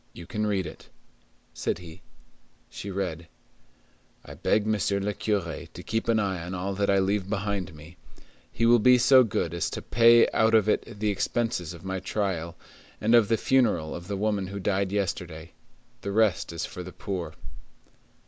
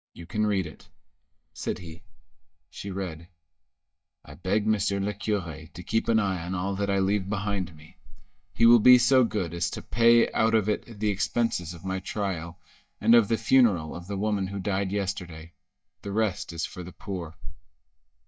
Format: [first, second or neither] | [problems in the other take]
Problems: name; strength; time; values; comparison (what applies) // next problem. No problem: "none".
first | noise reduction (neural mask model DeepFilterNet 3)